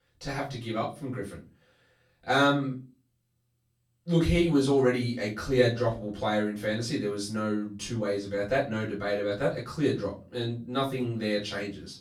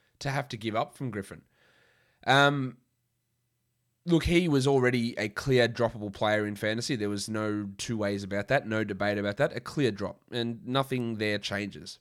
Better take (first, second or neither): second